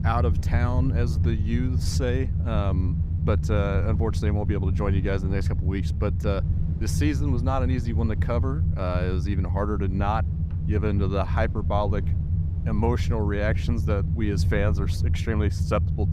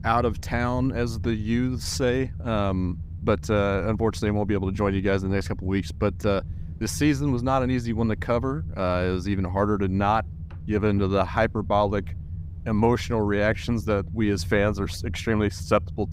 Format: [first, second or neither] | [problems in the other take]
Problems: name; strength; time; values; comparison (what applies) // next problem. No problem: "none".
second | low rumble; loud; throughout; 9 dB below the speech; faint in the second